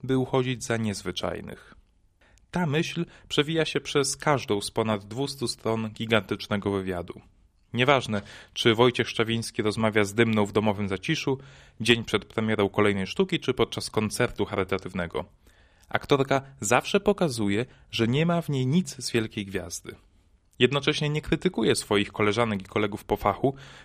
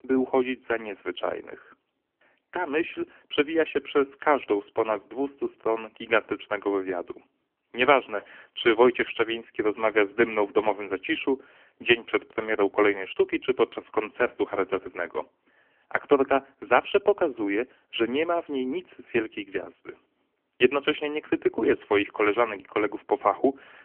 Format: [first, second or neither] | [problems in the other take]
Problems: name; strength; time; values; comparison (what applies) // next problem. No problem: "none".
first | phone-call audio; poor line; nothing above 3 kHz